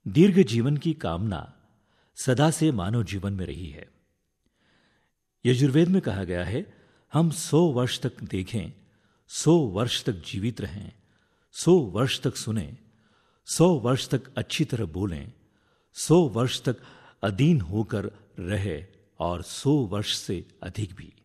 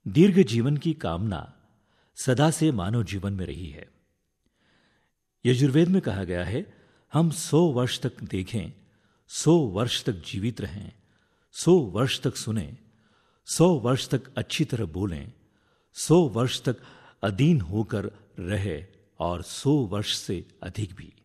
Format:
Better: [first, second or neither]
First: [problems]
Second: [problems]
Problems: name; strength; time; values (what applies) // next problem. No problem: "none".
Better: neither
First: none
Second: none